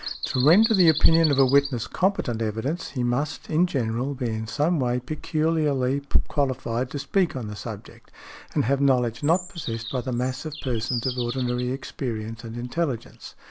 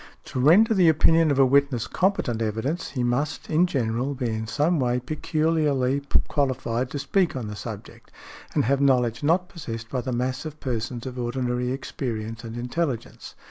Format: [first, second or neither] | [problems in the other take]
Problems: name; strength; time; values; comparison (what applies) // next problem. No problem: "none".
second | background sound (Bird vocalization, bird call, bird song); 15 dB below the speech